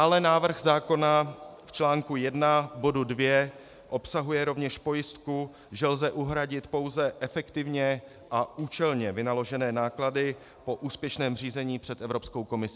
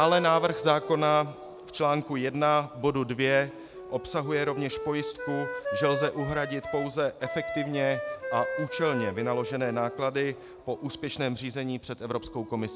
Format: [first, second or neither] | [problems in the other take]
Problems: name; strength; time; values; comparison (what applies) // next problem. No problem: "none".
first | background sound (Wind instrument, woodwind instrument); 9 dB below the speech